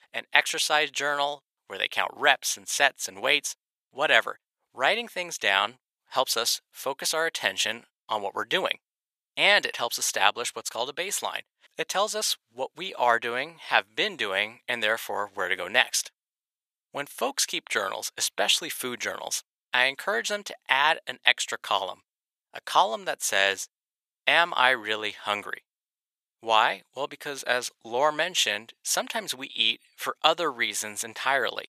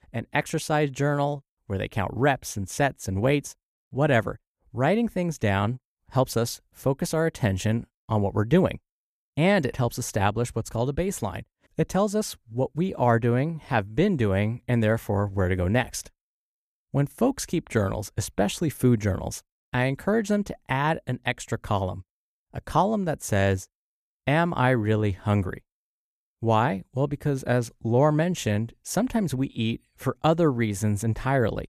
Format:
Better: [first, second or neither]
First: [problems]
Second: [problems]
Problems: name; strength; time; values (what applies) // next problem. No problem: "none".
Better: second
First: thin; very; fading below 850 Hz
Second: none